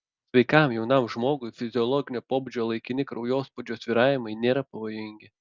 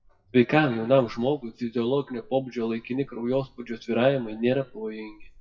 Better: first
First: none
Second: noise reduction (classical method WPE with log-MMSE)

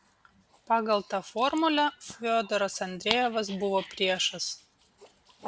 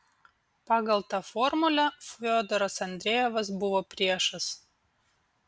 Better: second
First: background sound (Dog); 16 dB below the speech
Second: none

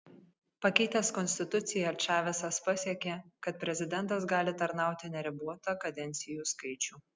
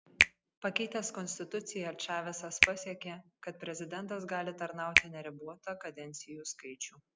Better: first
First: none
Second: background sound (Finger snapping); 3 dB above the speech

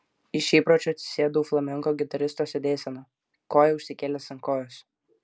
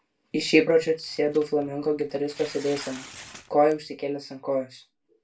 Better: first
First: none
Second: background sound (Tearing); 20 dB below the speech // room echo; dies away in 0.2 s

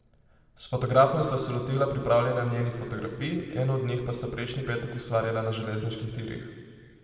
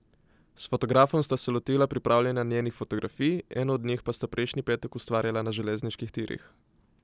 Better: second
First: room echo; dies away in 1.9 s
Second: none

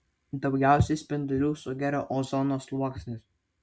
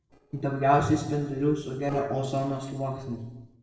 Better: first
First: none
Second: noise reduction (neural separator model SepFormer DNS4)

